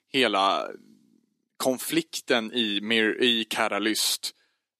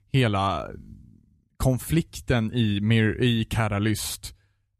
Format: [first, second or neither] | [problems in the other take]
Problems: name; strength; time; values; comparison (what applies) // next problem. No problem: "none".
second | thin; somewhat; fading below 300 Hz